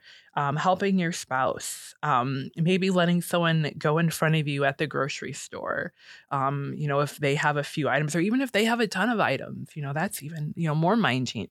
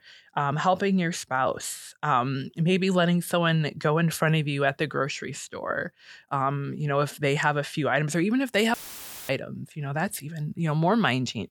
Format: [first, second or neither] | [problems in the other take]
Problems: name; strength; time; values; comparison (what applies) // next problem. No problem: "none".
first | audio cutting out; filled with static; at 8.5 s for 0.5 s